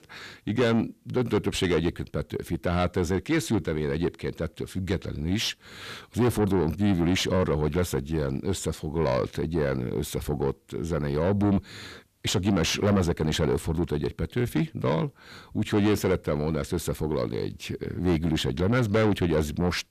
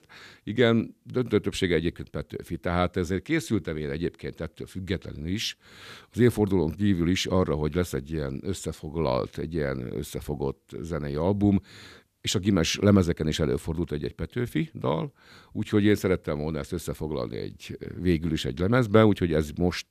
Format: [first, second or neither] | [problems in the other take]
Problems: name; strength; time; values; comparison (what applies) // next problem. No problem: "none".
second | distortion; heavy; 7 dB below the speech